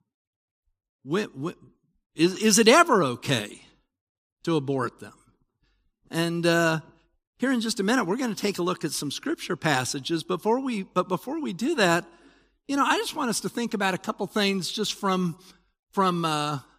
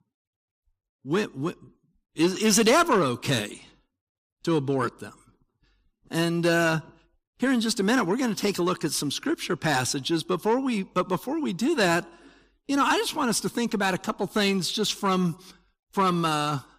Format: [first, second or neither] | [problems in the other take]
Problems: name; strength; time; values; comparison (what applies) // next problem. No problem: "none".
first | distortion; slight; 10 dB below the speech